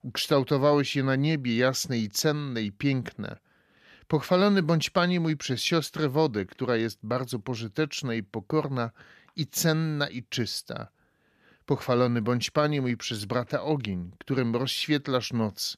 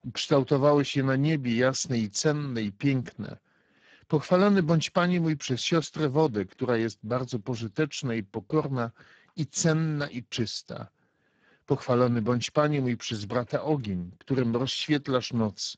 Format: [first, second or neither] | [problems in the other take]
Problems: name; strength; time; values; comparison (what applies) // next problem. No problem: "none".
first | garbled, watery; badly; nothing above 7.5 kHz